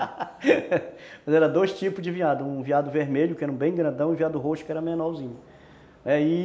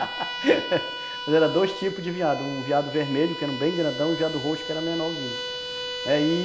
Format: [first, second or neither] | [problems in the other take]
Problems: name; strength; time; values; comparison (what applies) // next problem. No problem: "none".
first | background sound (Bowed string instrument); 8 dB below the speech